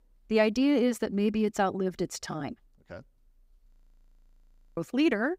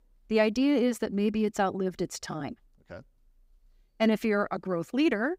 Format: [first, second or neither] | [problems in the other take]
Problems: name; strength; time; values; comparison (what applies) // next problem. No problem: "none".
second | audio freezing; at 3.5 s for 1 s